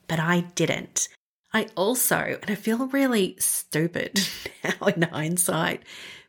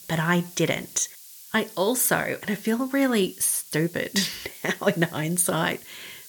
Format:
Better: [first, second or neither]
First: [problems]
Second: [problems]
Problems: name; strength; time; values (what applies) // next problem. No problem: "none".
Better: first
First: none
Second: hiss; noticeable; throughout; 20 dB below the speech